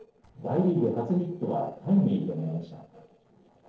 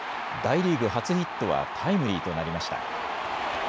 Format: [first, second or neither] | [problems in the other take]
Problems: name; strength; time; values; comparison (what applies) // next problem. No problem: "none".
second | noise reduction (neural separator model SepFormer DNS4)